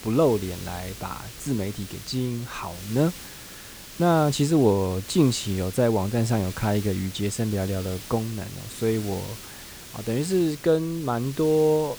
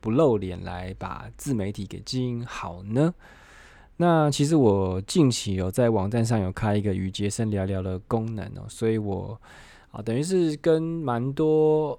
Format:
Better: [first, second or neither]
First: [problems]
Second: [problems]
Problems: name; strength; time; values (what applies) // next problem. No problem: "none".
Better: second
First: hiss; noticeable; throughout; 15 dB below the speech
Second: none